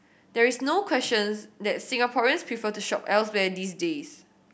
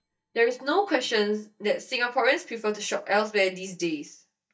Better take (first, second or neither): first